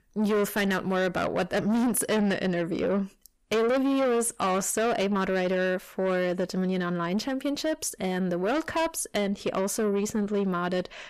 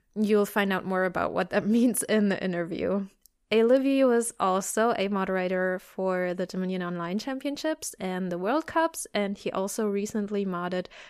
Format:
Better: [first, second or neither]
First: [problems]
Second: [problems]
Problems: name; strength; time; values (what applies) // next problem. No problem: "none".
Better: second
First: distortion; heavy; 8 dB below the speech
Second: none